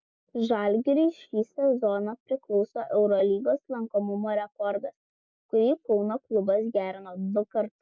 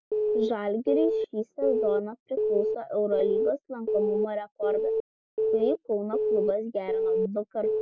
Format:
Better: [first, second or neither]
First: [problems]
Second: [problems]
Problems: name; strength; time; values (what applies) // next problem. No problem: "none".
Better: first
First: none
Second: background sound (Alarm / Keyboard (musical)); 2 dB above the speech